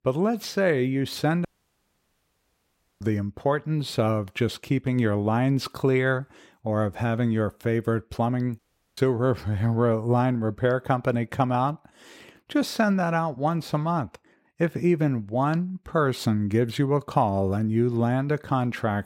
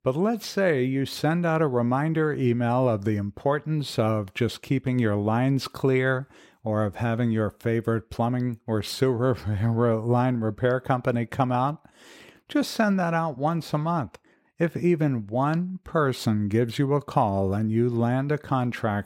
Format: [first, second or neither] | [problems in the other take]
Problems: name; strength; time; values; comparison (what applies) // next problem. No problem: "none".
second | audio cutting out; at 1.5 s for 1.5 s and at 8.5 s